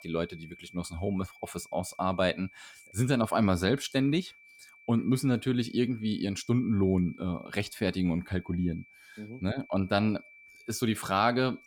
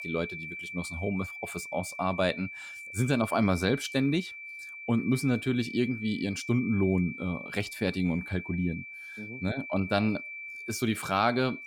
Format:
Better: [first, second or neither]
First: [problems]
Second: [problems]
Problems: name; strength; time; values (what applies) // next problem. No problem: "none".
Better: first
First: high-pitched whine; faint; throughout; 2.5 kHz, 25 dB below the speech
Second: high-pitched whine; loud; throughout; 2.5 kHz, 9 dB below the speech